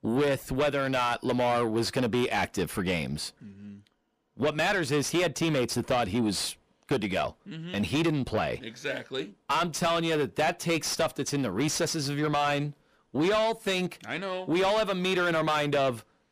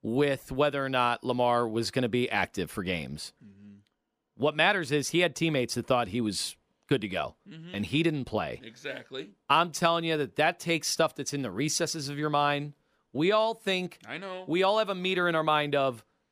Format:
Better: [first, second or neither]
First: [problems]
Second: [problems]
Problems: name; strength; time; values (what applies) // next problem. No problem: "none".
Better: second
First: distortion; heavy; 7 dB below the speech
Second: none